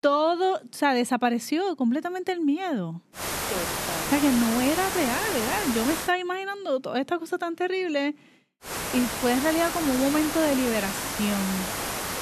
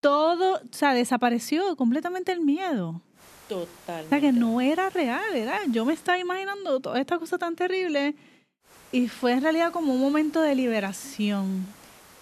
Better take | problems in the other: second | hiss; loud; from 3 to 6 s and from 8.5 s on; 3 dB below the speech; faint in the second

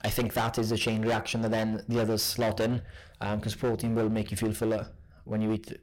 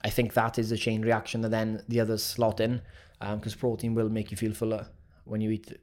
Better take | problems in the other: second | distortion; heavy; 16% of the sound clipped

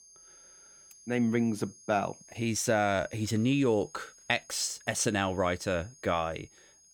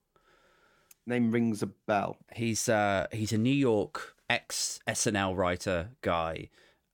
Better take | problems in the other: second | high-pitched whine; faint; throughout; 6.5 kHz, 25 dB below the speech

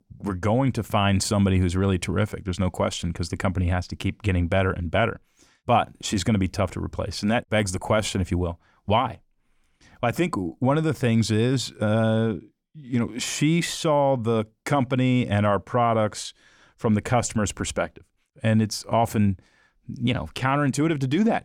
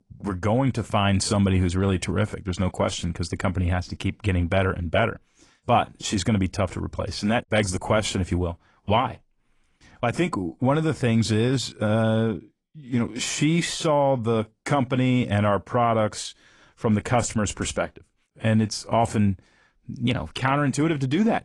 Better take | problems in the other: first | garbled, watery; slightly

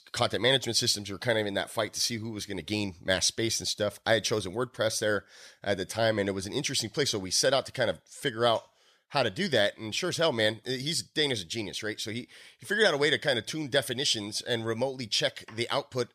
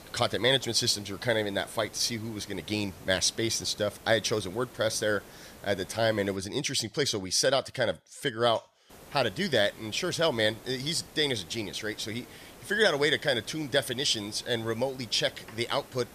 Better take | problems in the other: first | hiss; faint; until 6.5 s and from 9 s on; 20 dB below the speech

